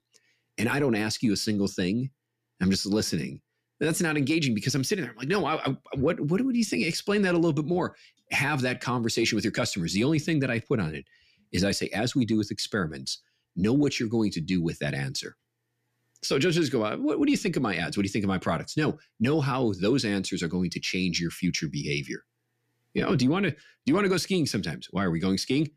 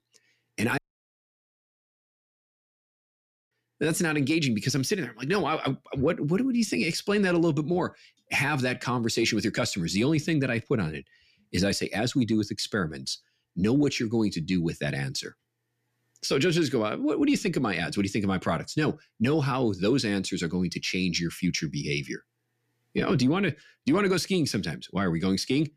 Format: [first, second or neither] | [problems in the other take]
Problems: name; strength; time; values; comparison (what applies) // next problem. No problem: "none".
first | audio cutting out; at 1 s for 2.5 s